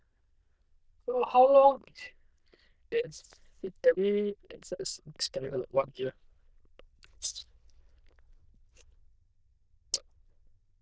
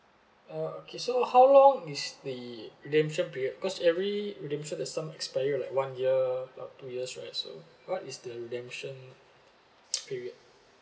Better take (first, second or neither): second